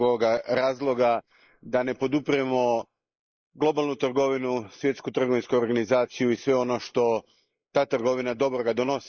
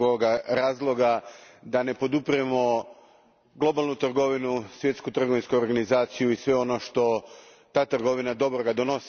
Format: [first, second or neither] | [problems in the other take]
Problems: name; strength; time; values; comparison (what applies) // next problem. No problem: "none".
second | noise reduction (neural mask model Resemble Enhance denoiser)